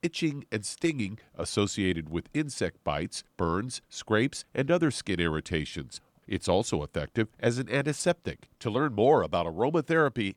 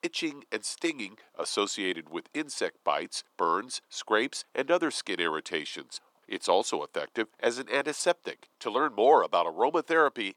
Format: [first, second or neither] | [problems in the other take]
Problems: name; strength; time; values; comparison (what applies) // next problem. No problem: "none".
first | thin; somewhat; fading below 350 Hz